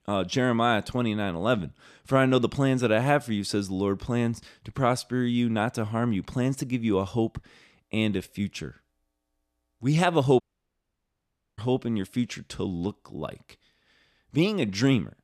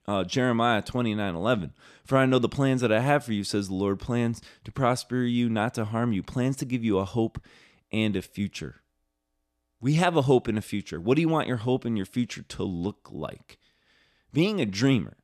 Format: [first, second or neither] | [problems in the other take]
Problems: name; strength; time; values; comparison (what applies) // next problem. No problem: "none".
second | audio cutting out; at 10 s for 1 s